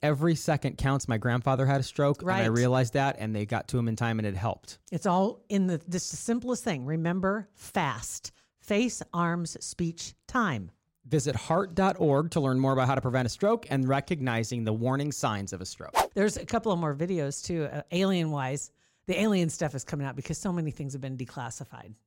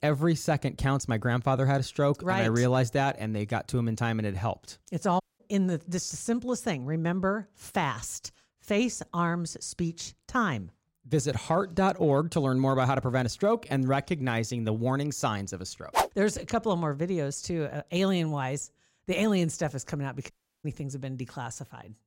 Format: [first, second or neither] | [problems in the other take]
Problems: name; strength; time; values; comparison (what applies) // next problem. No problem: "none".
first | audio cutting out; at 5 s and at 20 s